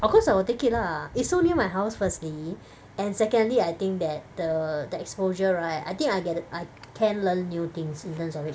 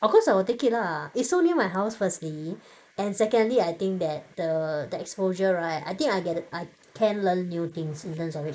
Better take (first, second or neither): first